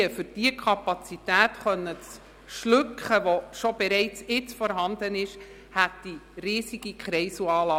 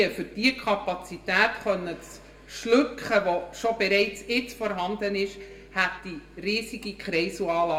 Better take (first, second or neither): first